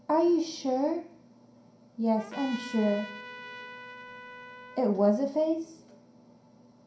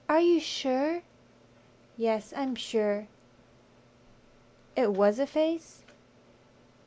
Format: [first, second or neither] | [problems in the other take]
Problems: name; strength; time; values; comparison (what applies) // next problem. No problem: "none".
second | background sound (Trumpet); 14 dB below the speech // room echo; dies away in 0.5 s